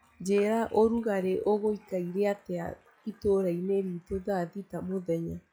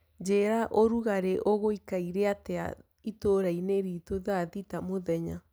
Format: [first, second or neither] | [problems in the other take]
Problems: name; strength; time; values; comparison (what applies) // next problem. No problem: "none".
second | noise reduction (classical method log-MMSE)